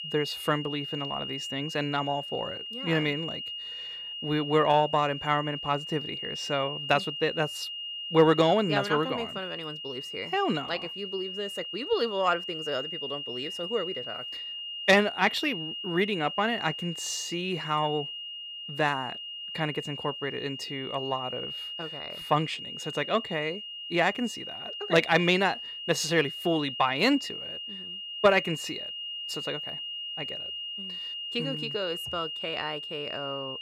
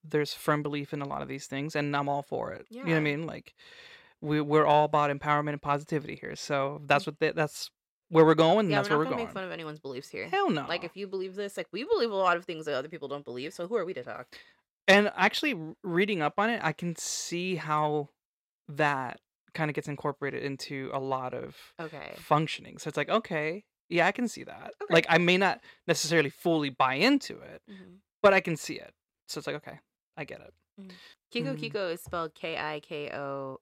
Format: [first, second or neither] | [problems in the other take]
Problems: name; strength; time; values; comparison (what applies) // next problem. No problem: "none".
second | high-pitched whine; loud; throughout; 3 kHz, 7 dB below the speech